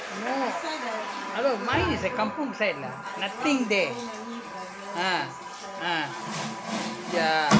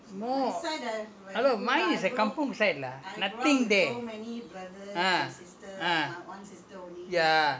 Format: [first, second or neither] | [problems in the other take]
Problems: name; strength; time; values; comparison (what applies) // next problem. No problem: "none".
second | background sound (Water tap, faucet); 3 dB below the speech